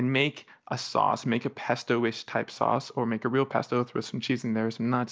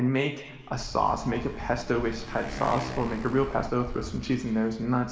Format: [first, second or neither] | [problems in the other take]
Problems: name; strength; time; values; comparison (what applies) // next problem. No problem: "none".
first | background sound (Motorcycle); 11 dB below the speech // room echo; dies away in 2.1 s